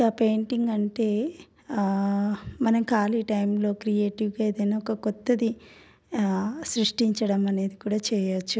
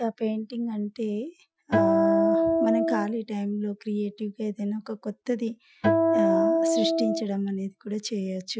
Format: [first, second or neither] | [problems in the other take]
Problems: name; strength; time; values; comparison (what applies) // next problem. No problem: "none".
first | noise reduction (classical method Wiener filter)